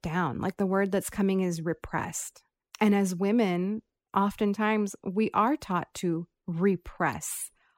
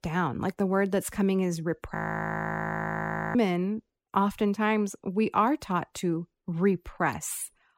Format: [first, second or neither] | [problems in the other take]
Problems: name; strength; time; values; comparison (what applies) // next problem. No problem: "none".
first | audio freezing; at 2 s for 1.5 s